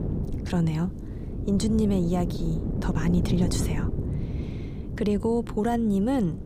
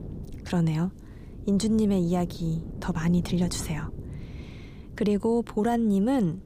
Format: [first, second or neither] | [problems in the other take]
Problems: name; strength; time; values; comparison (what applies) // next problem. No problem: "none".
second | wind noise on the microphone; heavy; 8 dB below the speech; occasional gusts in the second